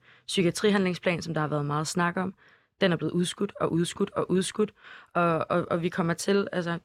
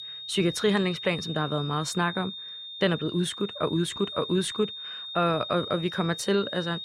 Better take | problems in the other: first | high-pitched whine; loud; throughout; 3.5 kHz, 8 dB below the speech

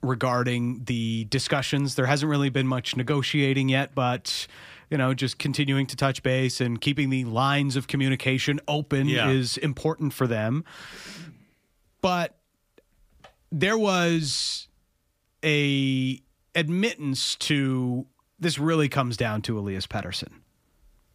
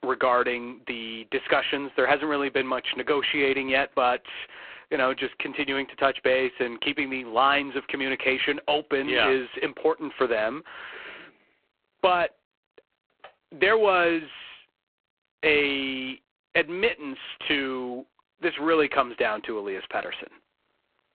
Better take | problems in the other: first | phone-call audio; poor line

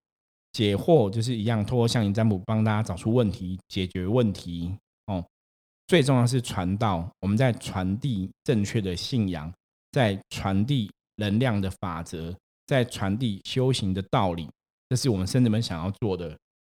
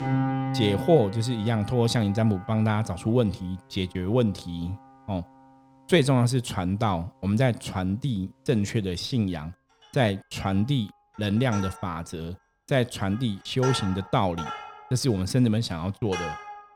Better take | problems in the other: first | background music; loud; throughout; 9 dB below the speech

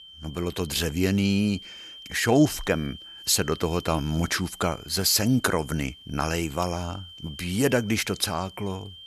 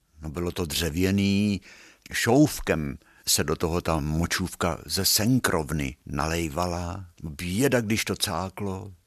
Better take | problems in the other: second | high-pitched whine; noticeable; throughout; 3 kHz, 20 dB below the speech

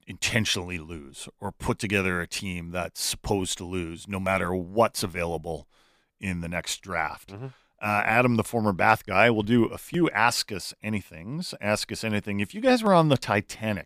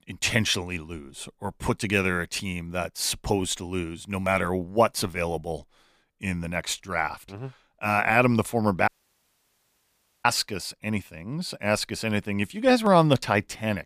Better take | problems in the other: first | audio cutting out; at 9 s for 1.5 s

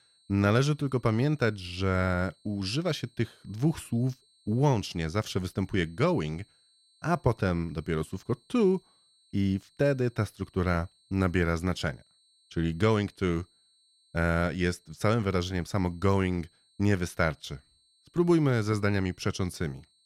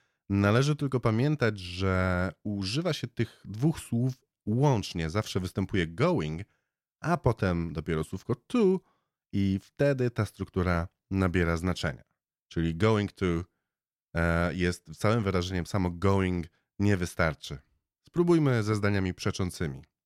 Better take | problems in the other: second | high-pitched whine; faint; throughout; 4 kHz, 35 dB below the speech

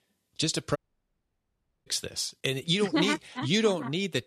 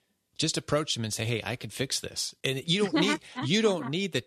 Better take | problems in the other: second | audio cutting out; at 1 s for 1 s

